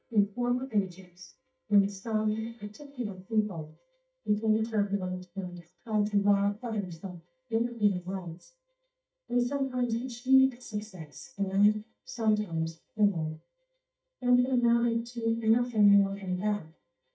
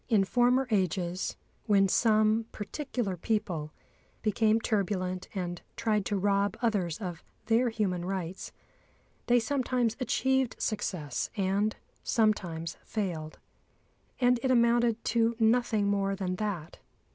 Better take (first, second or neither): second